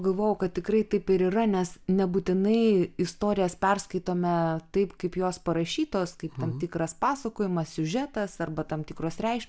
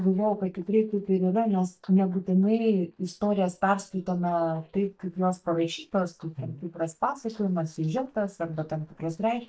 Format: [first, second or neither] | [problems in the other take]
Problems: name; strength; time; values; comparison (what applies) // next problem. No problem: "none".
first | noise reduction (neural mask model DeepFilterNet 3)